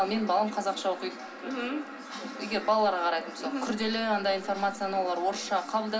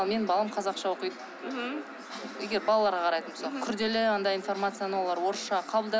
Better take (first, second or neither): second